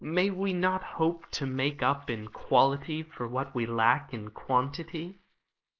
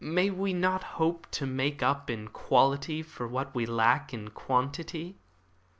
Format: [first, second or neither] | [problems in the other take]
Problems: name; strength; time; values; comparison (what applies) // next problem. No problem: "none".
second | noise reduction (neural mask model Resemble Enhance denoiser)